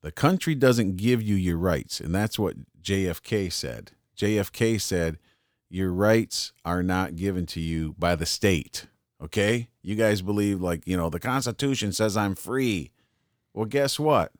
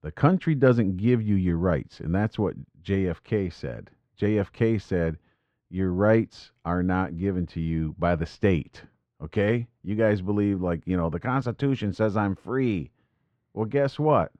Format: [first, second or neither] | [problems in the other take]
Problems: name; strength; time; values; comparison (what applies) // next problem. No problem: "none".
first | muffled; very; fading above 2 kHz